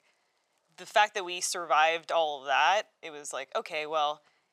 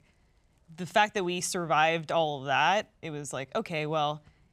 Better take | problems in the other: second | thin; very; fading below 600 Hz

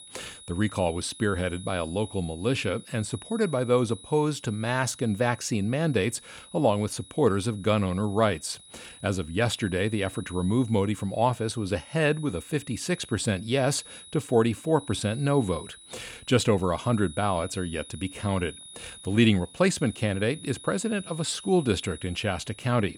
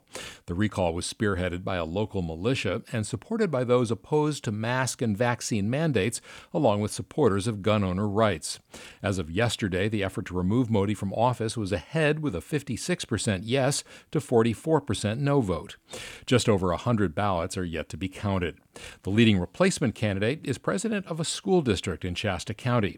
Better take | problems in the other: second | high-pitched whine; noticeable; throughout; 4 kHz, 20 dB below the speech

